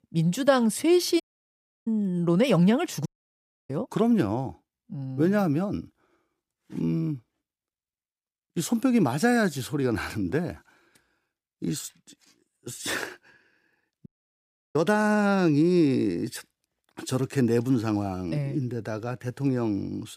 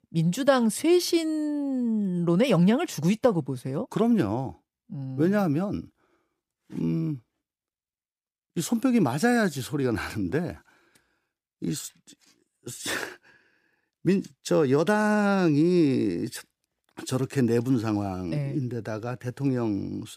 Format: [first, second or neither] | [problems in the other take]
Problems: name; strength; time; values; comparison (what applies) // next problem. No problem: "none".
second | audio cutting out; at 1 s for 0.5 s, at 3 s for 0.5 s and at 14 s for 0.5 s